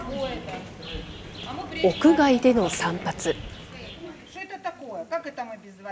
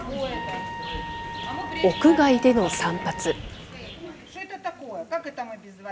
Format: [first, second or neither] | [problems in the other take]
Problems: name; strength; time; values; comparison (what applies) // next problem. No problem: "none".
first | background sound (Trumpet); 10 dB below the speech